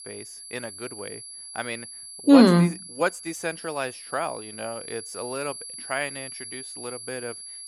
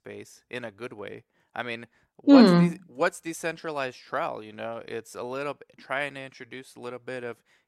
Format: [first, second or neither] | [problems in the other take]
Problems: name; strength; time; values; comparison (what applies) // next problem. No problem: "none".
second | high-pitched whine; noticeable; throughout; 11 kHz, 15 dB below the speech